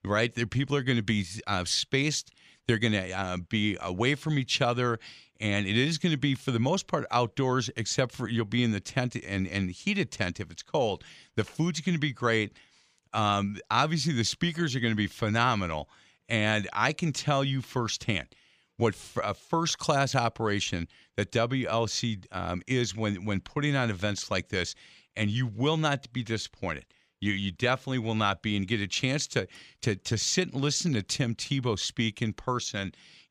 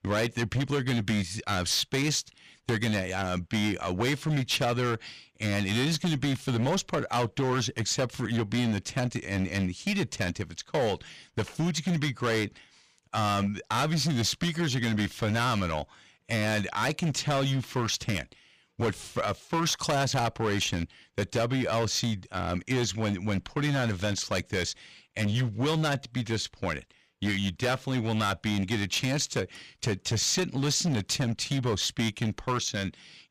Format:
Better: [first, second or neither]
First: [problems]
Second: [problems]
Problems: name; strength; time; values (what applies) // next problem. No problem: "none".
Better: first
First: none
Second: distortion; heavy; 13% of the sound clipped